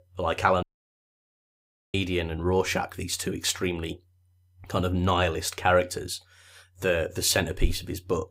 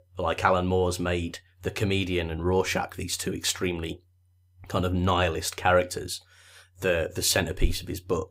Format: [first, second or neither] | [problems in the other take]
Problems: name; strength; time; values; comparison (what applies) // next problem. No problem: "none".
second | audio cutting out; at 0.5 s for 1.5 s